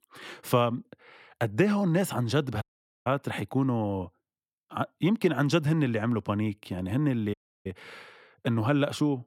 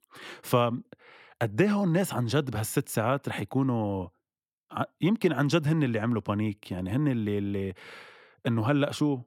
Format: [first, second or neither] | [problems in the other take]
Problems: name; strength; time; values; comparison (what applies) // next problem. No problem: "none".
second | audio cutting out; at 2.5 s and at 7.5 s